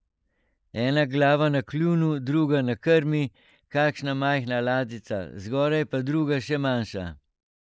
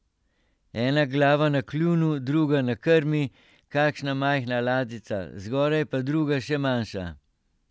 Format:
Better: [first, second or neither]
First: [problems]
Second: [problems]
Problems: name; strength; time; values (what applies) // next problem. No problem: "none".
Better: second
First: noise reduction (neural mask model Resemble Enhance denoiser)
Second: none